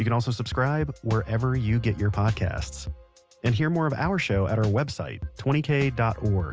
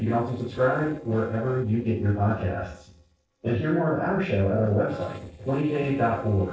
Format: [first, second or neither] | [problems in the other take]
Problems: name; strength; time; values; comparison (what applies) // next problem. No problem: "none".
first | noise reduction (neural separator model SepFormer DNS4)